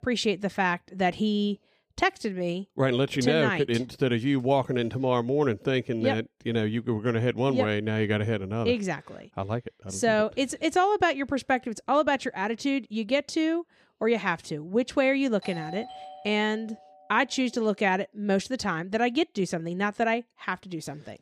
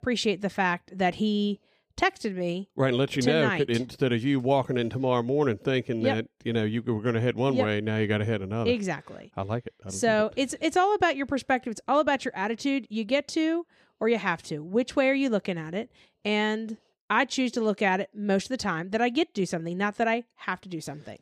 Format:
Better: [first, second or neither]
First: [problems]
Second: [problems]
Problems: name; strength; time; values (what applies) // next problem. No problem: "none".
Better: second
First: doorbell; faint; from 15 to 17 s; peak 15 dB below the speech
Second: none